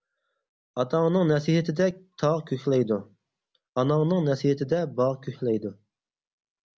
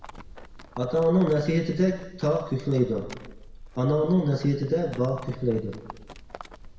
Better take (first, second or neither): first